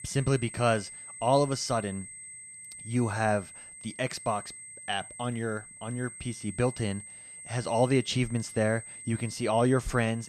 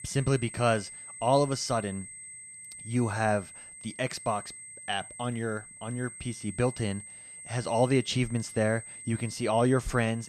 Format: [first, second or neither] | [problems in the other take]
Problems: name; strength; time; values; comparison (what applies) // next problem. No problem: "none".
neither | high-pitched whine; noticeable; throughout; 8.5 kHz, 15 dB below the speech; the same in both